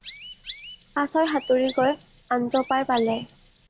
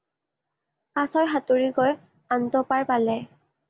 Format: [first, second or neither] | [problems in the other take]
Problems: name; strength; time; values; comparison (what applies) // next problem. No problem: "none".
second | background sound (Chirp, tweet); 17 dB below the speech